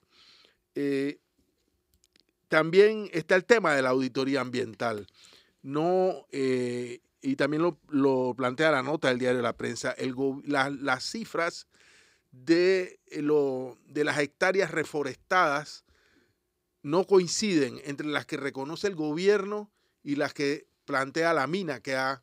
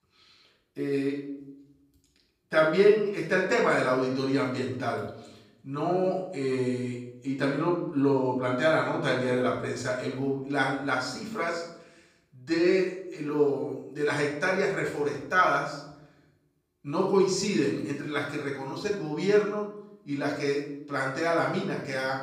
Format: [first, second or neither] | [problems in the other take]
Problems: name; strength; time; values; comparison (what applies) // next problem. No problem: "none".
first | off-mic speech; far // room echo; noticeable; dies away in 0.7 s